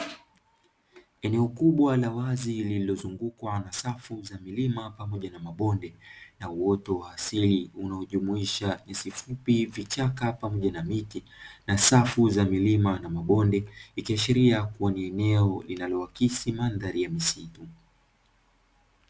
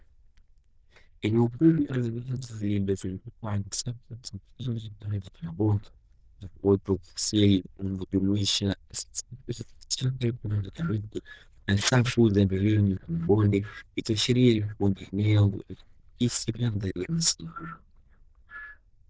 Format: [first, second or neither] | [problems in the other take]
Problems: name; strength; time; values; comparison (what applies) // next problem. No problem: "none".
first | noise reduction (neural diffusion model UNIVERSE++)